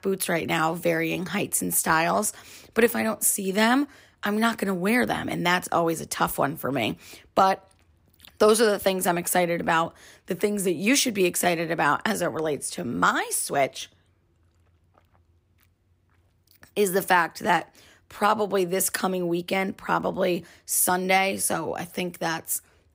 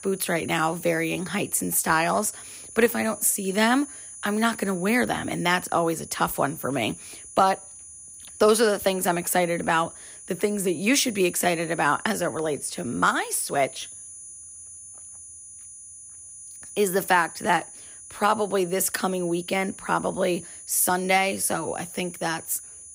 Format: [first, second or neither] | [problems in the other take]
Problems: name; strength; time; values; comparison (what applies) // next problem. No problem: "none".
first | high-pitched whine; noticeable; throughout; 10 kHz, 15 dB below the speech